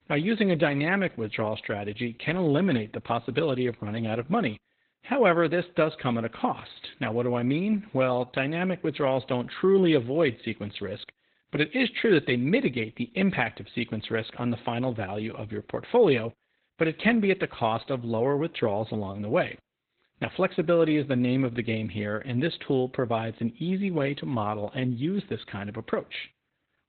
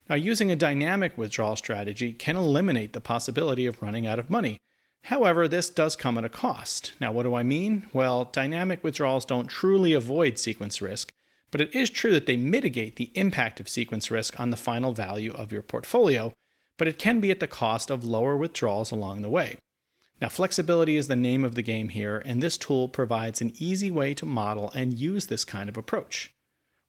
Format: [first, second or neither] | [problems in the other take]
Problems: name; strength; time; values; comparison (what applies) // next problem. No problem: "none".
second | garbled, watery; badly; nothing above 4 kHz; slightly in the second